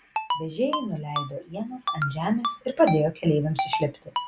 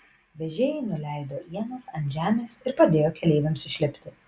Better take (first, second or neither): second